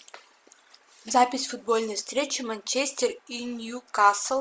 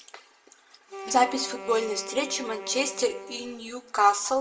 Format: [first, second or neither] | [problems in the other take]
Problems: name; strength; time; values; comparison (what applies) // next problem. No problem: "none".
first | background sound (Wind instrument, woodwind instrument); 13 dB below the speech // room echo; dies away in 0.7 s